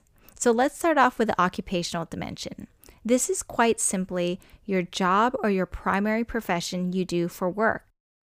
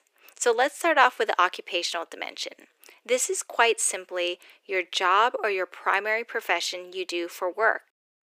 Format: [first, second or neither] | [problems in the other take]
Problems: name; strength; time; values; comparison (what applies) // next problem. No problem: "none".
first | thin; very; fading below 350 Hz